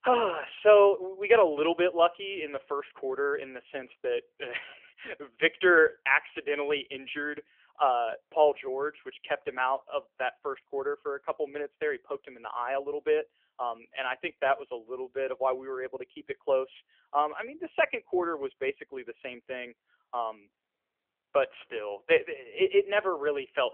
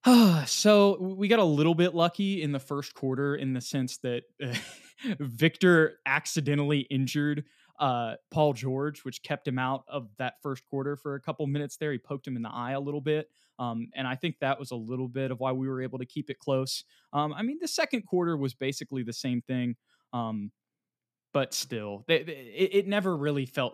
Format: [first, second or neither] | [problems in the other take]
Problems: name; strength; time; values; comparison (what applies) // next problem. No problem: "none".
second | phone-call audio; nothing above 3 kHz